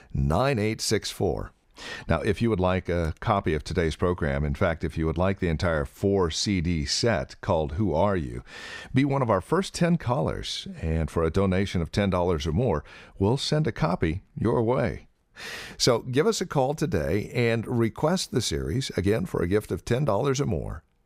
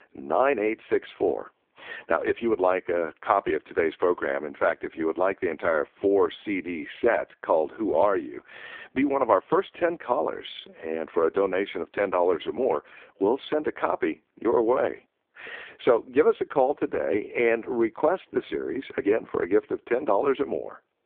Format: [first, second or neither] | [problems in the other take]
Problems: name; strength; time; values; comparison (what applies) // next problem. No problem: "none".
first | phone-call audio; poor line; nothing above 3.5 kHz